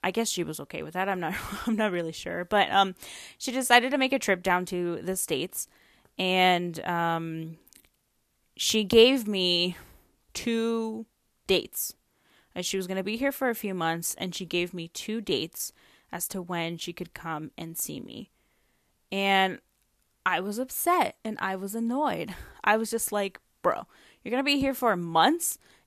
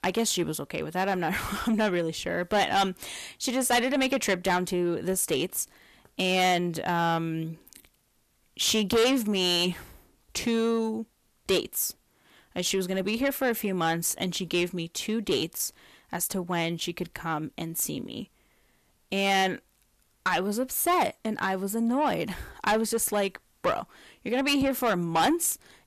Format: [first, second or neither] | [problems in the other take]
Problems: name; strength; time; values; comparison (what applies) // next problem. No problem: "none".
first | distortion; heavy; 7 dB below the speech